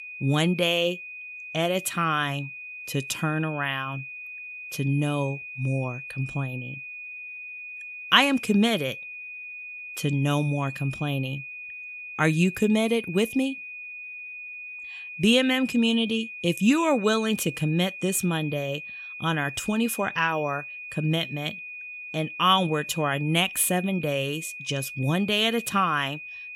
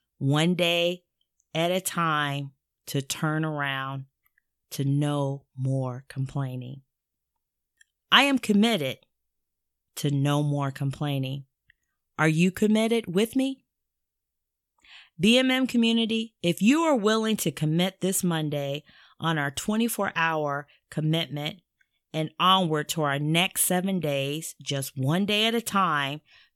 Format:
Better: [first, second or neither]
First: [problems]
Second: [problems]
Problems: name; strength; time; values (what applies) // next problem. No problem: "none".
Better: second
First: high-pitched whine; noticeable; throughout; 2.5 kHz, 10 dB below the speech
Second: none